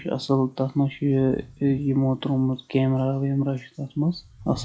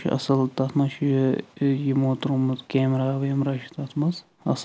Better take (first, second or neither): second